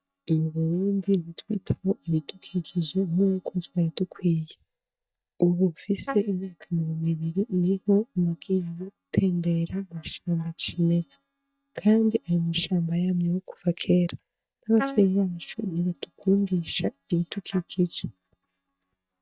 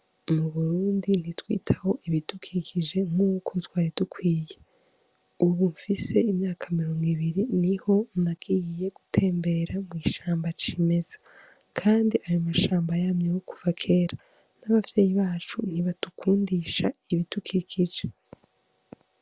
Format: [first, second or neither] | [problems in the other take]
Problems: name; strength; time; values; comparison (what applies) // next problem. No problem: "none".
second | noise reduction (neural mask model DeepFilterNet 3)